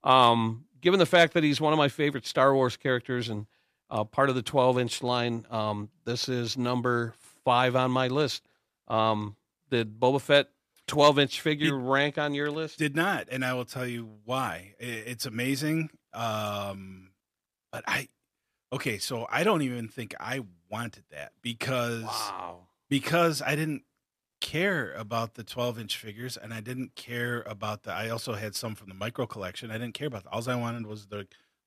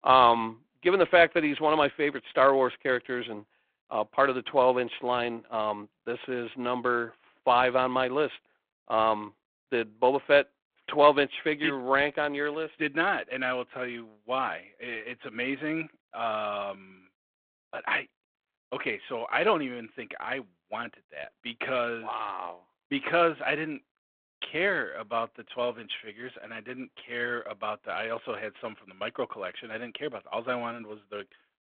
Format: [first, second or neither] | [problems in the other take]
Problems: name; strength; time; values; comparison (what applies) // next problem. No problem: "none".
first | phone-call audio; nothing above 3.5 kHz